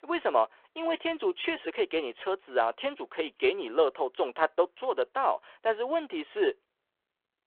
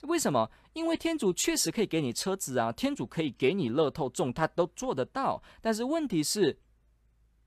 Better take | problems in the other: second | phone-call audio

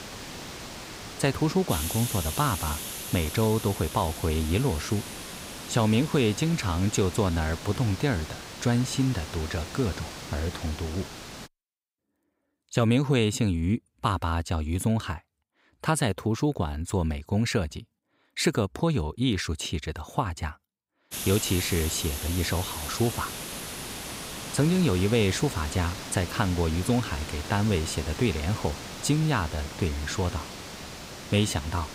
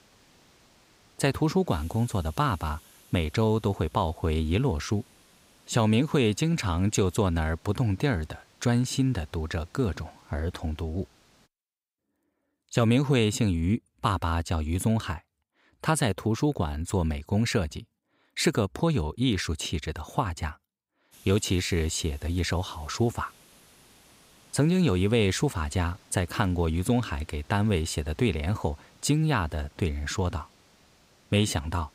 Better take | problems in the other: second | hiss; loud; until 11 s and from 21 s on; 9 dB below the speech; faint in the second

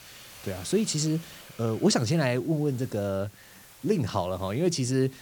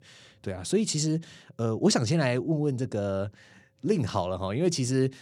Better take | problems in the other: second | hiss; faint; throughout; 20 dB below the speech

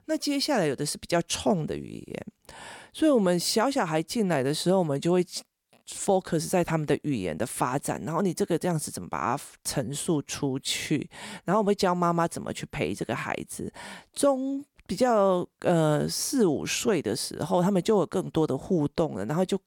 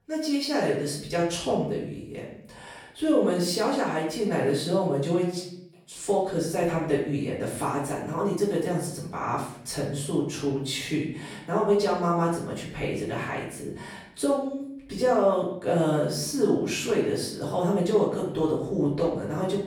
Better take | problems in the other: first | room echo; noticeable; dies away in 0.7 s // off-mic speech; far

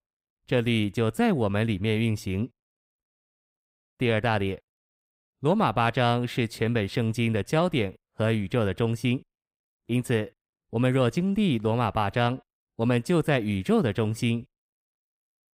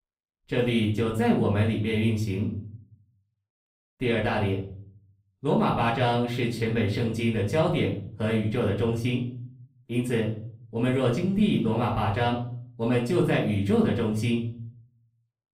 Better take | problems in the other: first | off-mic speech; far // room echo; slight; dies away in 0.5 s

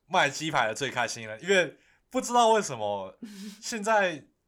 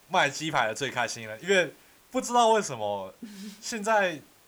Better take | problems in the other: first | hiss; faint; throughout; 30 dB below the speech

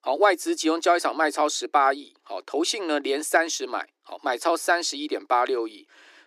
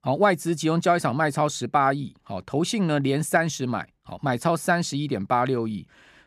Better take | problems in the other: second | thin; somewhat; fading below 300 Hz

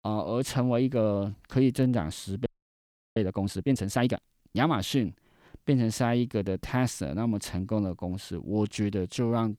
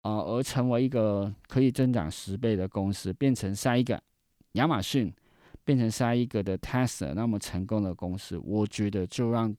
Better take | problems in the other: second | audio freezing; at 2.5 s for 0.5 s

